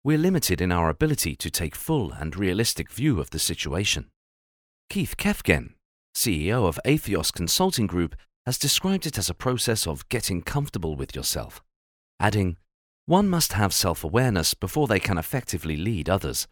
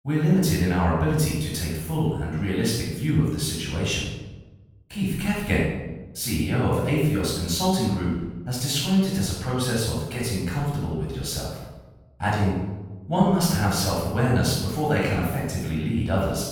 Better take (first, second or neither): first